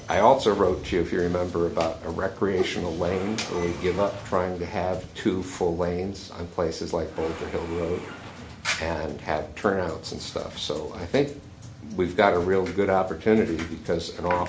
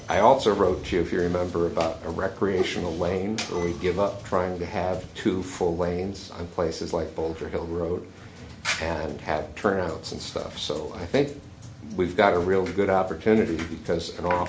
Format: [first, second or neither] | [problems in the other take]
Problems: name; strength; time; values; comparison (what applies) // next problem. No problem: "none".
second | background sound (Engine / Mechanisms); 18 dB below the speech